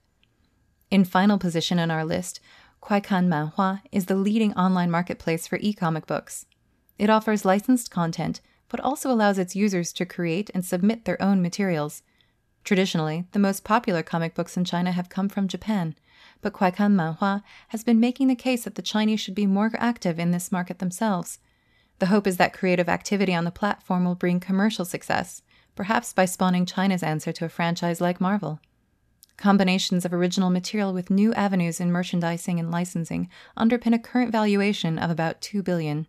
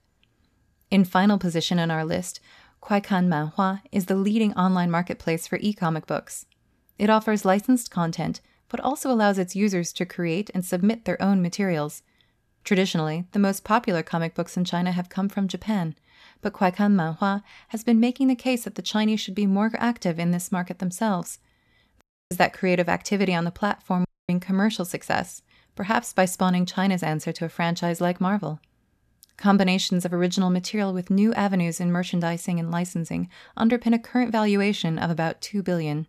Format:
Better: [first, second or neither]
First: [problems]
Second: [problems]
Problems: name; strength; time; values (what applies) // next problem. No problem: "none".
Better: first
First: none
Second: audio cutting out; at 22 s and at 24 s